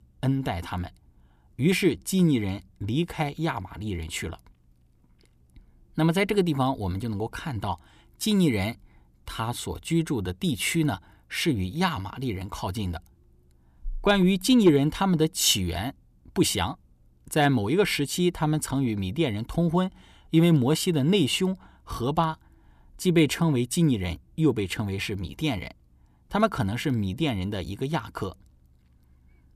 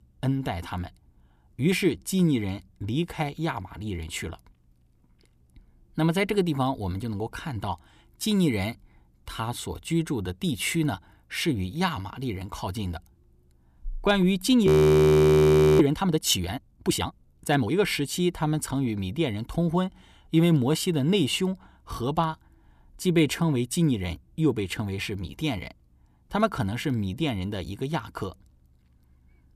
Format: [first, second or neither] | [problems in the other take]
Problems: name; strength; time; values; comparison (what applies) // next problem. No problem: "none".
first | audio freezing; at 15 s for 1 s